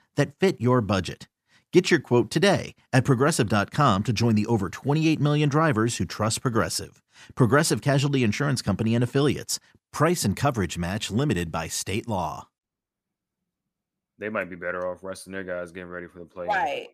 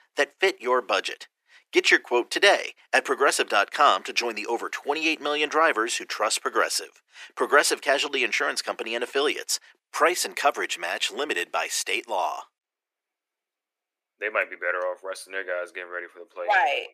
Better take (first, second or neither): first